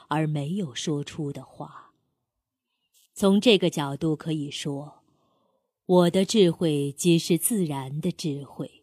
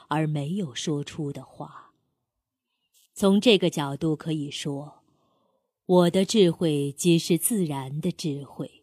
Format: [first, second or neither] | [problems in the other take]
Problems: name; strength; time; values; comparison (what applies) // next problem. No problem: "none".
neither | none